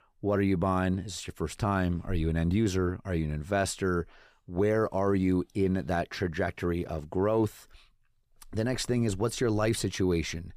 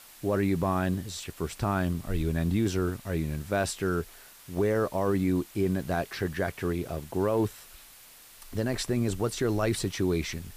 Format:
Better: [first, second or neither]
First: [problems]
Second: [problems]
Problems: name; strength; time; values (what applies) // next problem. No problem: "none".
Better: first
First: none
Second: hiss; noticeable; throughout; 20 dB below the speech